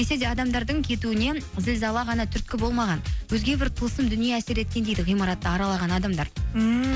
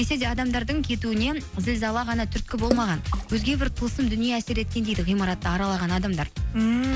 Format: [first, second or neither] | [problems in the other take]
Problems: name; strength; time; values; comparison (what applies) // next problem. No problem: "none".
first | background sound (Water / Splash, splatter); 11 dB below the speech